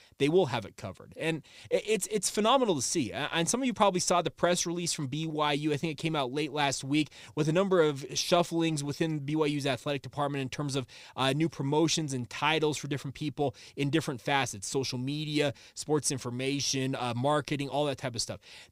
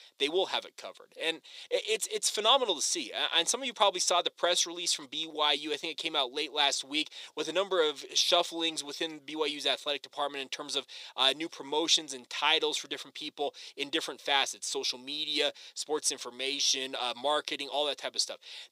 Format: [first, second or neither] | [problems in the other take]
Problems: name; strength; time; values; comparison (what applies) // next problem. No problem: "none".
first | thin; somewhat; fading below 400 Hz